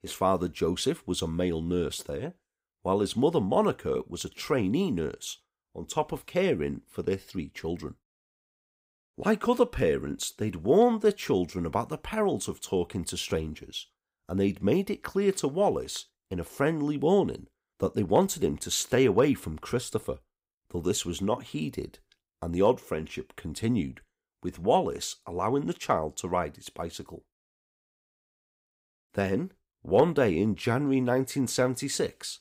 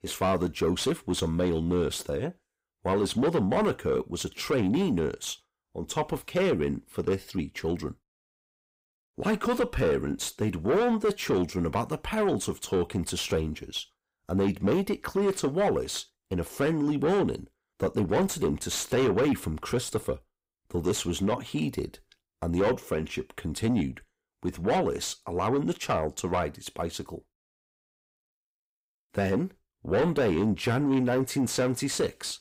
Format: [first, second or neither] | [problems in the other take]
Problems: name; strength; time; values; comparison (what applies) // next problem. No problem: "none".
first | distortion; heavy; 8 dB below the speech